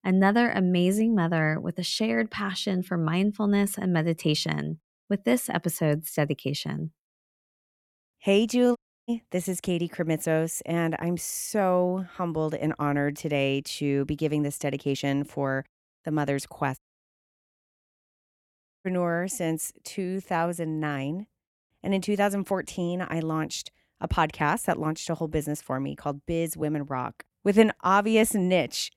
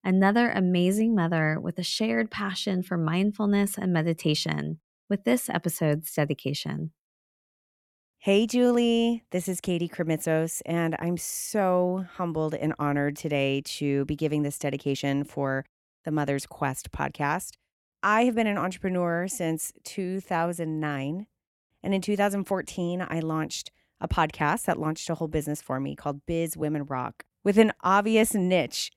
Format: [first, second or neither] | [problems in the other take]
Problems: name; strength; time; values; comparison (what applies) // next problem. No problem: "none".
second | audio cutting out; at 9 s and at 17 s for 2 s